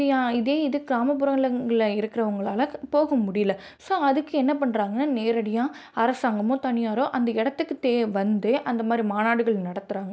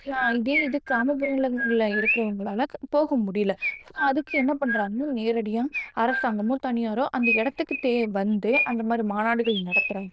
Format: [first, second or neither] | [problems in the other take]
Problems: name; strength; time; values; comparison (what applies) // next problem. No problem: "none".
first | noise reduction (neural diffusion model UNIVERSE++)